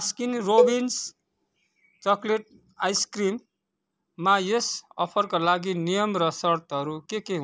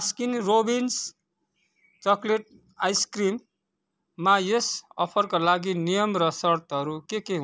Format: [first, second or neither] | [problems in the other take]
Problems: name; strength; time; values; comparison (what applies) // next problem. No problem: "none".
second | background sound (Cowbell); 1 dB below the speech